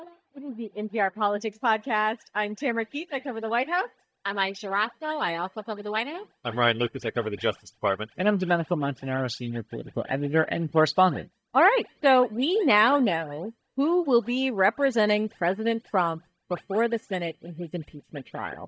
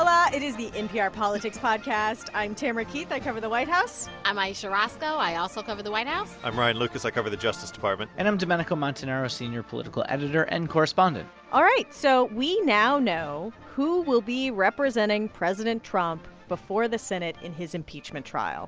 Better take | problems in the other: second | noise reduction (neural mask model DeepFilterNet 3)

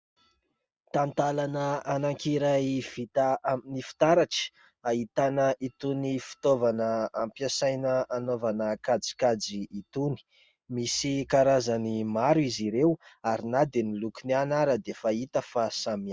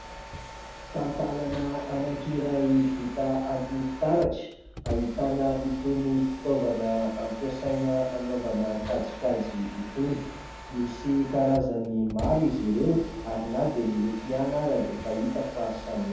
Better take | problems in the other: first | background sound (Mechanisms); 12 dB below the speech // room echo; dies away in 0.9 s

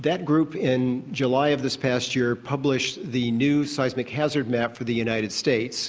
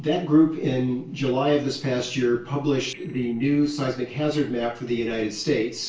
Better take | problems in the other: first | noise reduction (neural separator model SepFormer DNS4)

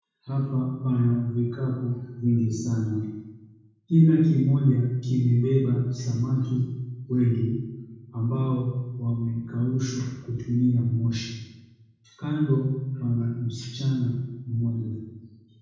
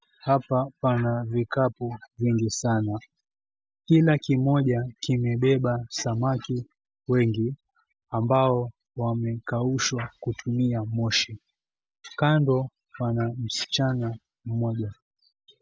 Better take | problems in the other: second | room echo; dies away in 1.1 s

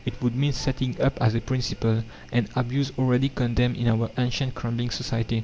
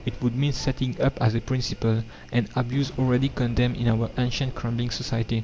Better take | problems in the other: first | background sound (Boom); 19 dB below the speech

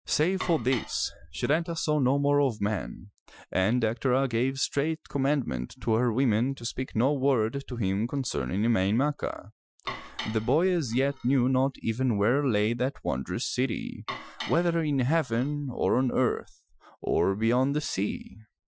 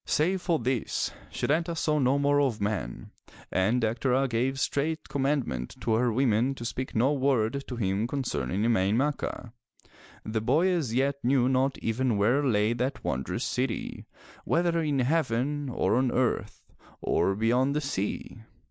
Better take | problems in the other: second | noise reduction (classical method Wiener filter)

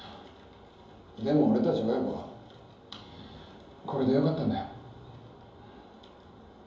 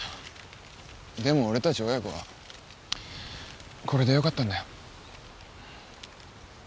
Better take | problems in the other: second | room echo; dies away in 2.8 s

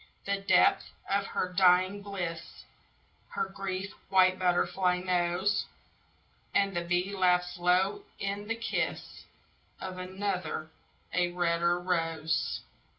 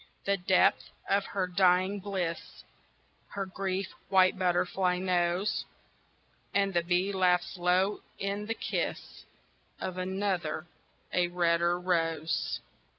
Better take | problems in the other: second | room echo; dies away in 0.2 s

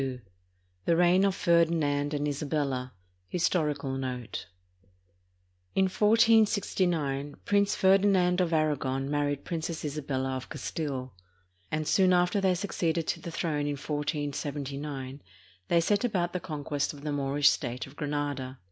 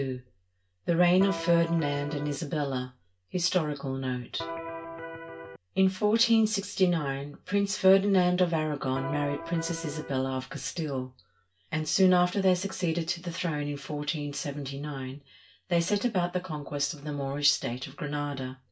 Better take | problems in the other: first | background sound (Electric guitar); 9 dB below the speech // room echo; dies away in 0.2 s

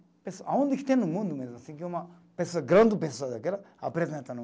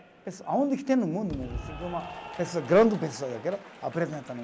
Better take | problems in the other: first | background sound (Applause / Cheering); 14 dB below the speech

